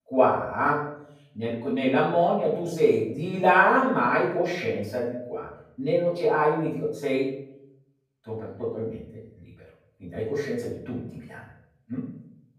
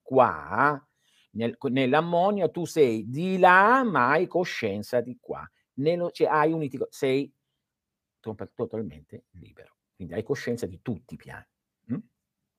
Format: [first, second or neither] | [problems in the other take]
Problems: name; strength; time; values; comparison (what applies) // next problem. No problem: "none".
second | off-mic speech; far // room echo; noticeable; dies away in 0.6 s